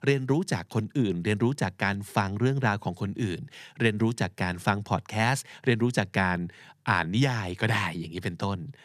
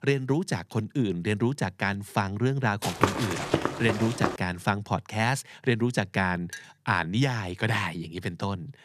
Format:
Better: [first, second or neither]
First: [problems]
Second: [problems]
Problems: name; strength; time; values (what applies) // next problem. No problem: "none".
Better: first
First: none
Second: footsteps; loud; from 3 to 4.5 s; peak 1 dB above the speech // clattering dishes; faint; at 6.5 s; peak 15 dB below the speech